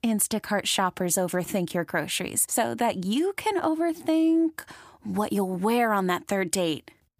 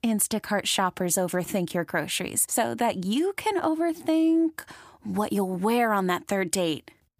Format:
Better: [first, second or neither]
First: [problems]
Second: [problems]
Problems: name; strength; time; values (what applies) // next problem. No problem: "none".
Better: neither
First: none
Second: none